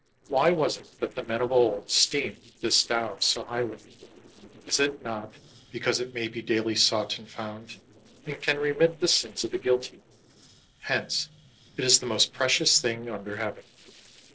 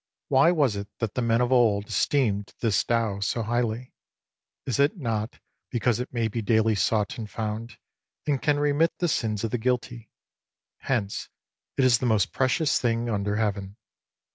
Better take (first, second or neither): second